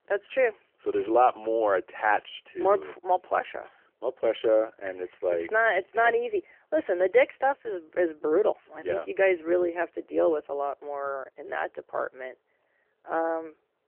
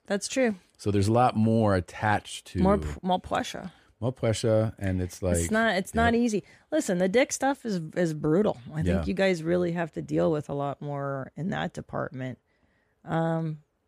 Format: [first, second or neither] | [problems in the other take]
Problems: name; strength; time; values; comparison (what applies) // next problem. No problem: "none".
second | phone-call audio; nothing above 3 kHz